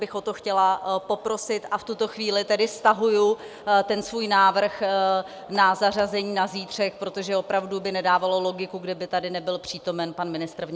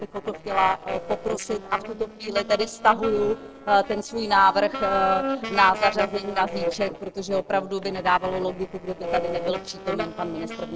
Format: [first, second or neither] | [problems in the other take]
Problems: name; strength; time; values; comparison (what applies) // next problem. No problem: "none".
first | noise reduction (neural separator model SepFormer DNS4)